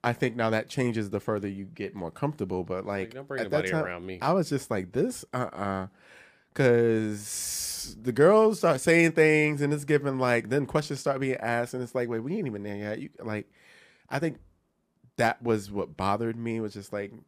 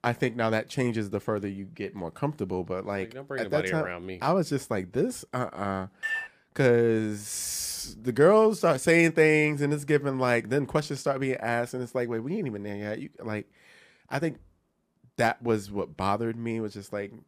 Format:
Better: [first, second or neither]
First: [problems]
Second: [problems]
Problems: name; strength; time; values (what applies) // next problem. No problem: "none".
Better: first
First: none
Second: clattering dishes; noticeable; at 6 s; peak 4 dB below the speech